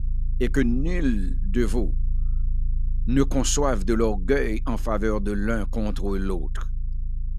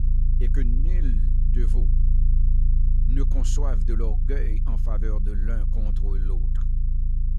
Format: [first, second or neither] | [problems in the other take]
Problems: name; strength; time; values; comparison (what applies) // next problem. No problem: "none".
first | low rumble; loud; throughout; 5 dB below the speech; faint in the first